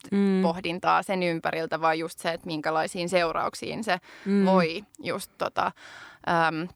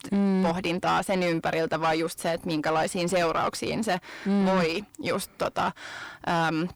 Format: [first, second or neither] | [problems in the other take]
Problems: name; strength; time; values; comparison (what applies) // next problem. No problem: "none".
first | distortion; heavy; 7 dB below the speech